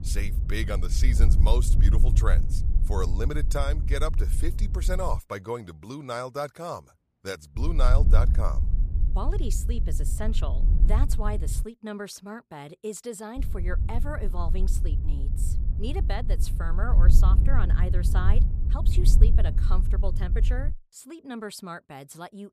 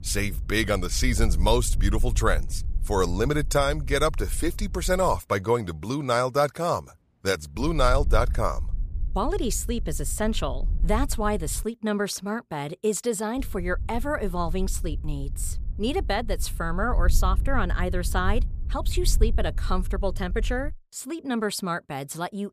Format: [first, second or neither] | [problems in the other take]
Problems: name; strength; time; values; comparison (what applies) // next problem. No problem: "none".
second | wind noise on the microphone; heavy; until 5 s, from 7.5 to 12 s and from 13 to 21 s; 9 dB below the speech; occasional gusts in the second